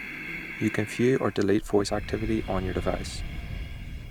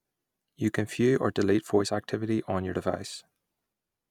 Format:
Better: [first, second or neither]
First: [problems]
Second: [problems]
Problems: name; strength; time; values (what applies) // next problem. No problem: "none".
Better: second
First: background sound (Breathing); 8 dB below the speech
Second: none